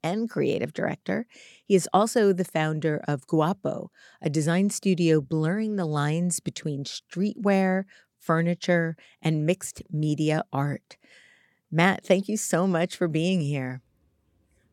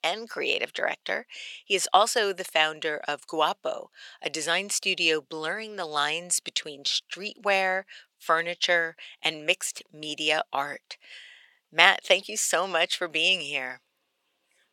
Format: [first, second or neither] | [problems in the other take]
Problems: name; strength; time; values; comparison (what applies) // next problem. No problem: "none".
first | thin; very; fading below 750 Hz